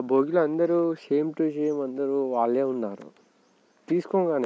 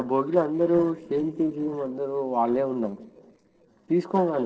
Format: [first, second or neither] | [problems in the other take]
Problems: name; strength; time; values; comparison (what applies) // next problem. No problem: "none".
first | noise reduction (neural separator model SepFormer DNS4)